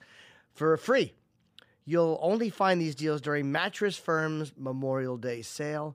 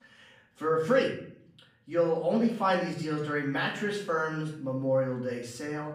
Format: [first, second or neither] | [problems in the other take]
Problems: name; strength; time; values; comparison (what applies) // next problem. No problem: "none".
first | off-mic speech; far // room echo; noticeable; dies away in 0.5 s